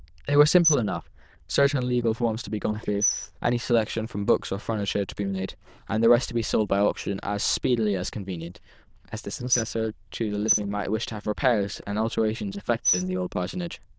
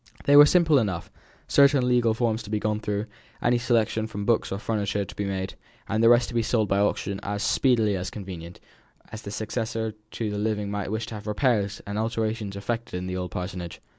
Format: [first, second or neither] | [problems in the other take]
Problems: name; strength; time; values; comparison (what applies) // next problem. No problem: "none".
second | noise reduction (neural diffusion model UNIVERSE++)